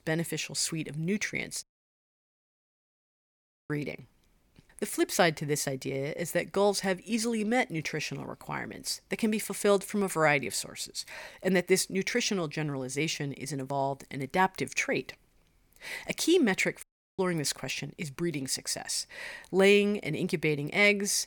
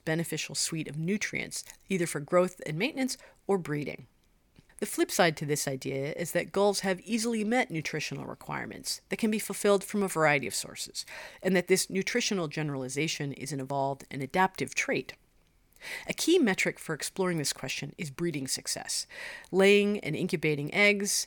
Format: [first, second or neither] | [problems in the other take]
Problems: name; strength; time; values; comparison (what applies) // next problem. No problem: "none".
second | audio cutting out; at 1.5 s for 2 s and at 17 s